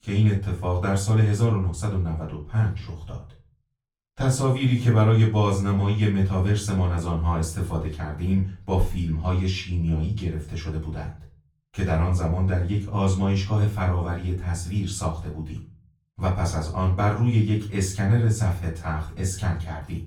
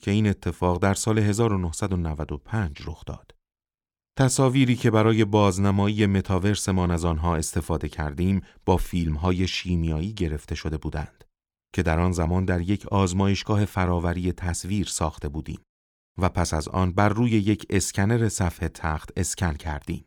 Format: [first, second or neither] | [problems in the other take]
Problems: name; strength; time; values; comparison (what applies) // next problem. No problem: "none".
second | off-mic speech; far // room echo; slight; dies away in 0.3 s